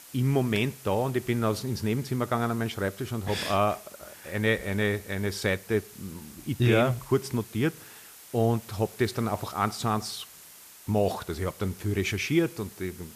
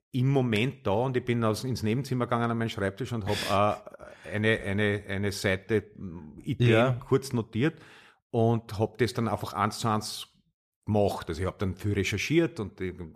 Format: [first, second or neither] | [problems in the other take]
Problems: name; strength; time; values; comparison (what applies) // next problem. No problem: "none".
second | hiss; noticeable; throughout; 20 dB below the speech